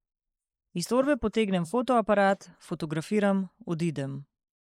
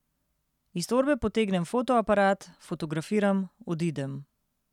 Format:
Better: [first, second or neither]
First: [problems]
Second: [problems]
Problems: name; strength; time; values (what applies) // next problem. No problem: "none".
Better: second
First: noise reduction (neural mask model Resemble Enhance denoiser)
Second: none